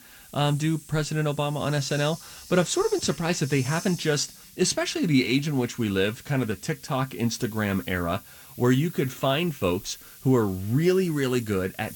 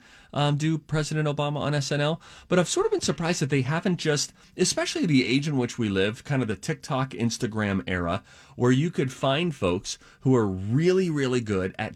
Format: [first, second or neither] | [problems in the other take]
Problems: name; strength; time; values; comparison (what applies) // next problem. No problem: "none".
second | hiss; noticeable; throughout; 15 dB below the speech